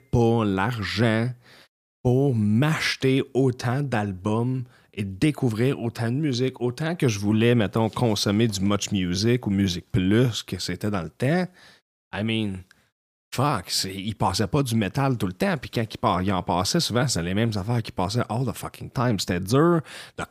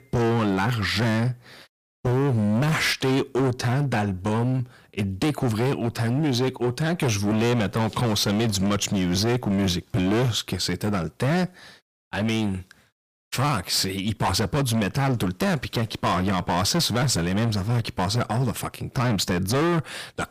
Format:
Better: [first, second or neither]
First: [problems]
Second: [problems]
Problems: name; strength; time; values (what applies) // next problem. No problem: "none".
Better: first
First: none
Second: distortion; heavy; 21% of the sound clipped